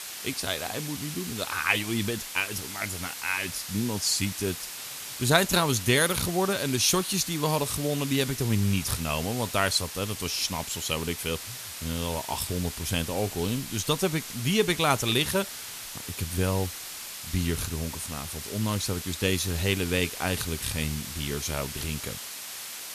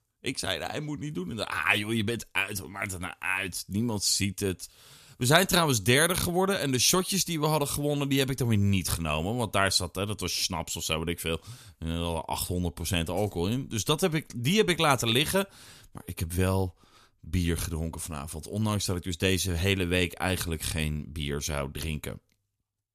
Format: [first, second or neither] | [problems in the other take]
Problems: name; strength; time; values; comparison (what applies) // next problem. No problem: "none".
second | hiss; loud; throughout; 8 dB below the speech